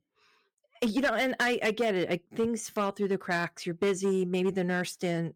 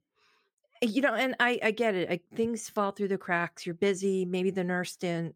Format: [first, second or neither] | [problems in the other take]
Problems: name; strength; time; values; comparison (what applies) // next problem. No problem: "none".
second | distortion; slight; 6% of the sound clipped